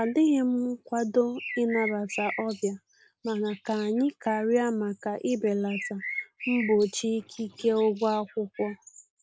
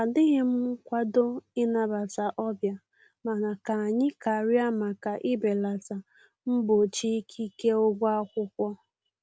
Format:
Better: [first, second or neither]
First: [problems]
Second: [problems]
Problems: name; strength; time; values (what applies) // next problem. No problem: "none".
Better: second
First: noise reduction (neural mask model Resemble Enhance denoiser)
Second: none